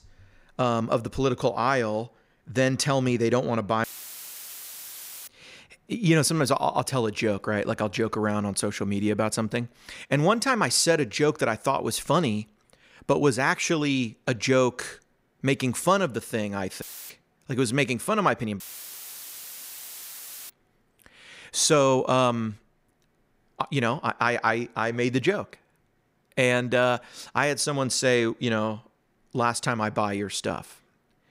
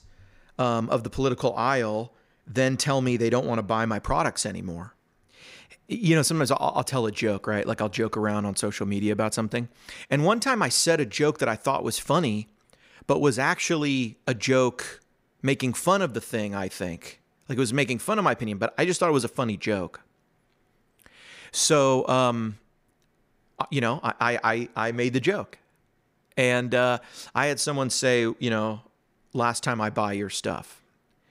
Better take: second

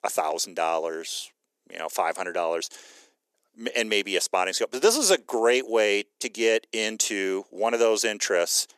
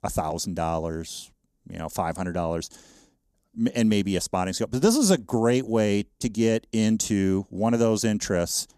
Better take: second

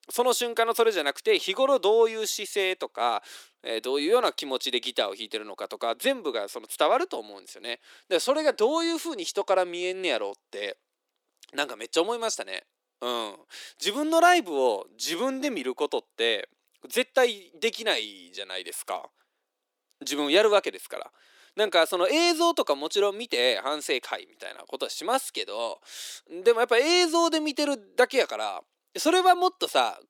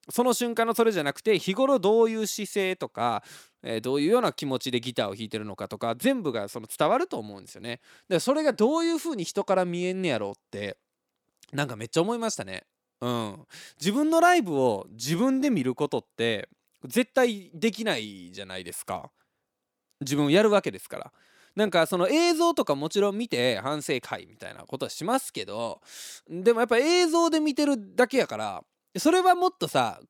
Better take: second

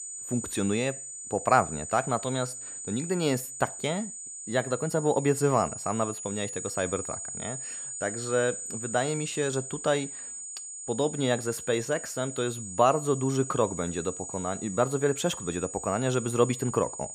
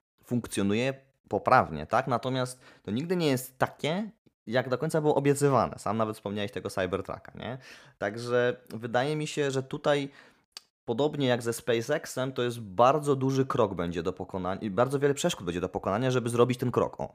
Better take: second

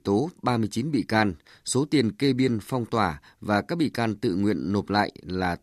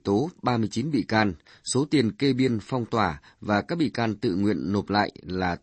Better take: first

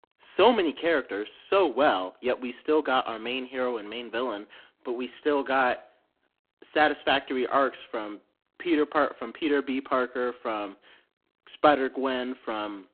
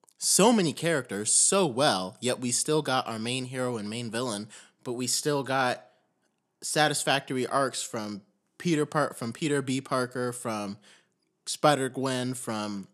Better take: second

